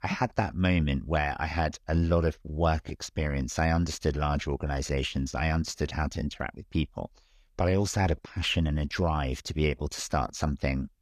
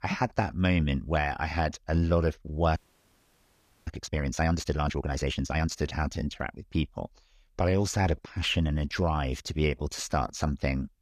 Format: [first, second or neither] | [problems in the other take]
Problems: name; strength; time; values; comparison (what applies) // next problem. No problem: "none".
first | audio freezing; at 3 s for 1 s